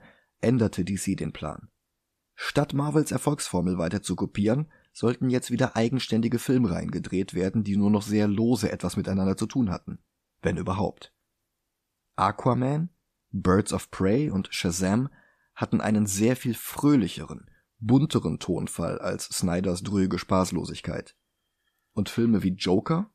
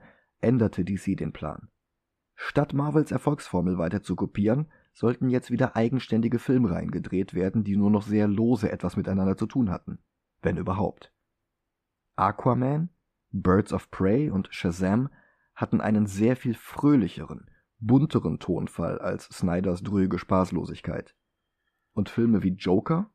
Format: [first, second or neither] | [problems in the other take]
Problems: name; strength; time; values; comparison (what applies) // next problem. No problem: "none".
first | muffled; slightly; fading above 3.5 kHz